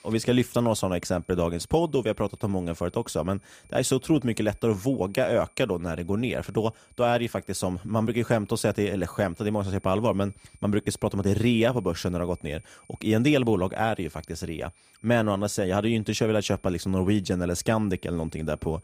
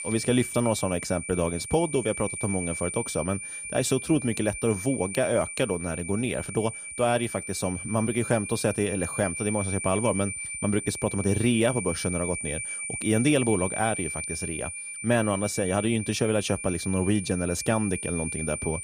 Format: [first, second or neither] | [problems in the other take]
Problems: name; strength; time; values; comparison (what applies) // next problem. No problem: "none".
first | high-pitched whine; loud; throughout; 9 kHz, 6 dB below the speech; faint in the first